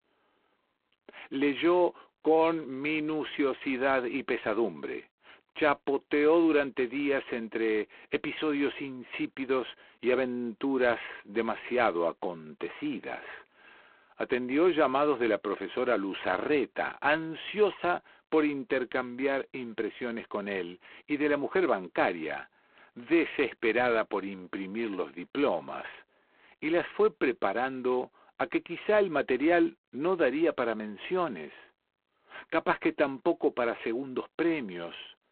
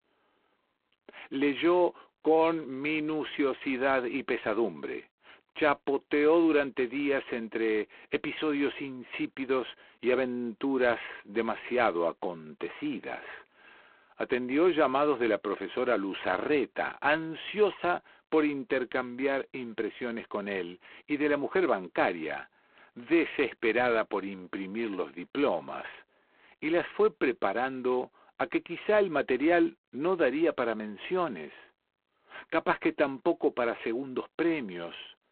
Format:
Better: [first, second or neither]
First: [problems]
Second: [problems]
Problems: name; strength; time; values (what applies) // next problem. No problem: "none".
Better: neither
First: phone-call audio; poor line; nothing above 4 kHz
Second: phone-call audio; poor line; nothing above 4 kHz